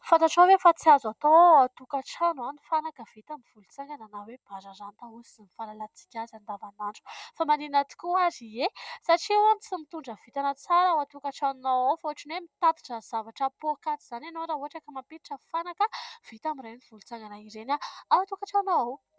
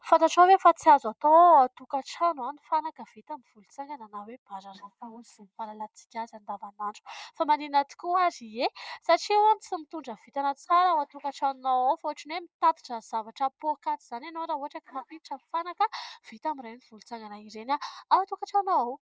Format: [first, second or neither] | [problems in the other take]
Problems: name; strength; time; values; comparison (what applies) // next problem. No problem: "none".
first | noise reduction (neural mask model Resemble Enhance denoiser)